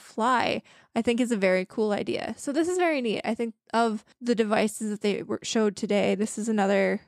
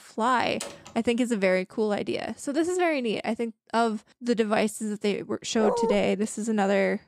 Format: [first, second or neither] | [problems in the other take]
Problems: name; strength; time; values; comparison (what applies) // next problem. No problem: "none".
first | door banging; faint; at 0.5 s; peak 10 dB below the speech // dog barking; noticeable; at 5.5 s; peak level with the speech